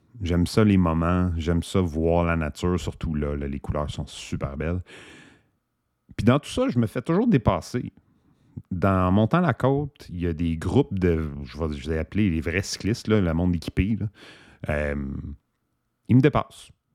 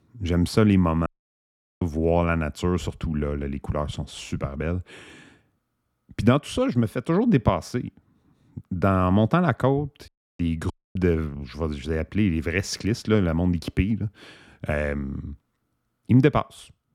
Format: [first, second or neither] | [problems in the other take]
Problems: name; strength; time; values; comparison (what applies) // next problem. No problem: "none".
first | audio cutting out; at 1 s for 1 s, at 10 s and at 11 s